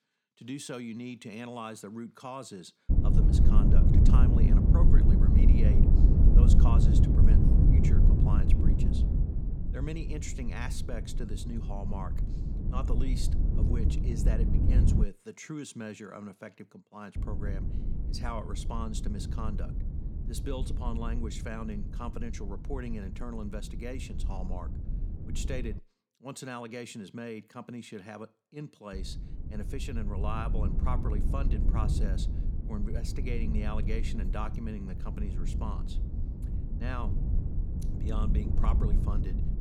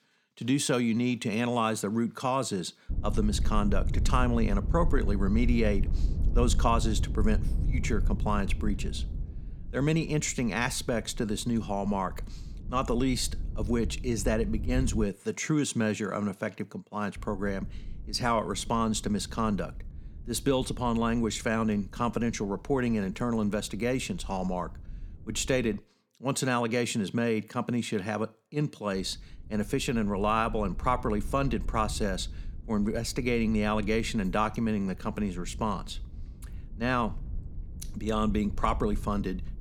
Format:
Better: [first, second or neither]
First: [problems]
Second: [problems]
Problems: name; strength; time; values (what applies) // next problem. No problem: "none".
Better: second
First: low rumble; loud; from 3 to 15 s, from 17 to 26 s and from 29 s on; as loud as the speech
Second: low rumble; faint; from 3 to 15 s, from 17 to 26 s and from 29 s on; 20 dB below the speech